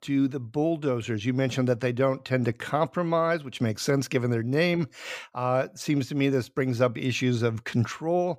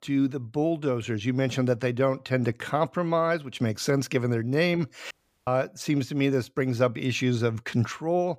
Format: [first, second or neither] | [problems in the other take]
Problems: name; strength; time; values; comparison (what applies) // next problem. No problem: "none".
first | audio cutting out; at 5 s